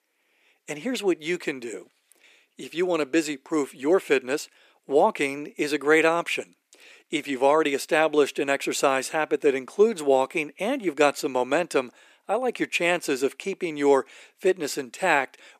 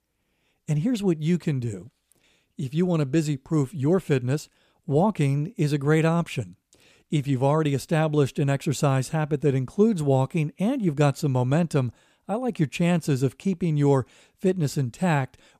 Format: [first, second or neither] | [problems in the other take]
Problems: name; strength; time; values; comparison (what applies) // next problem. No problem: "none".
second | thin; very; fading below 350 Hz